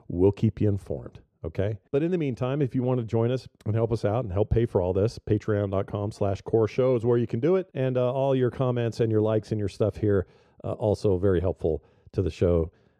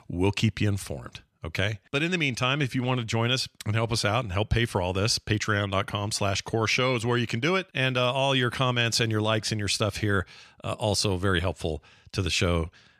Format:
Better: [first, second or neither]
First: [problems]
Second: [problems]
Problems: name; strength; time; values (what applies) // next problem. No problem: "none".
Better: second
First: muffled; very; fading above 1 kHz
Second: none